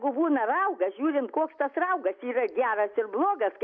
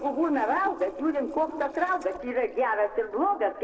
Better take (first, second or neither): first